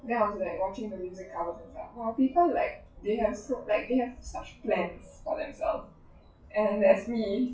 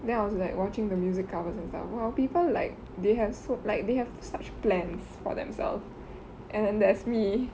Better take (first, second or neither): second